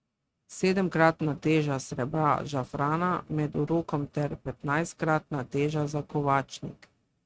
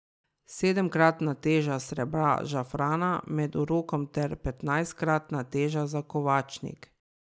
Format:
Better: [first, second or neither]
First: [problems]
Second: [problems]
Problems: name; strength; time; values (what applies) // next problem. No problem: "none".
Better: second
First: noise reduction (neural mask model RNNoise)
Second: none